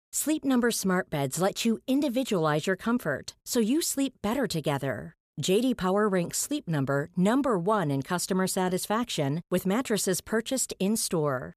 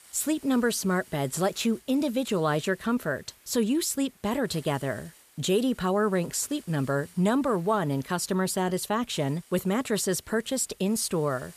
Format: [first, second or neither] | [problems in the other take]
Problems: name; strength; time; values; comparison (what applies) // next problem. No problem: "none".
first | hiss; faint; throughout; 25 dB below the speech